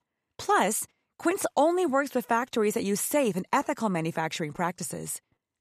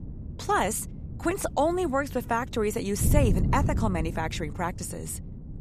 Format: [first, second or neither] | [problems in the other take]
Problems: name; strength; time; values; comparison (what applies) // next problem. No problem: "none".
first | wind noise on the microphone; occasional gusts; 15 dB below the speech